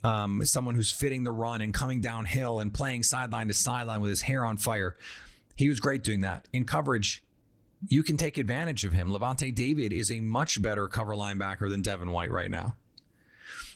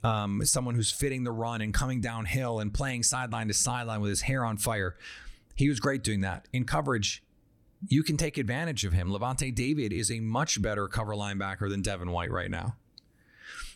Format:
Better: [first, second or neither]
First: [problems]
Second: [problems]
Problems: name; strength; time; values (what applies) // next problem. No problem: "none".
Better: second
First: garbled, watery; slightly; nothing above 15.5 kHz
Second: none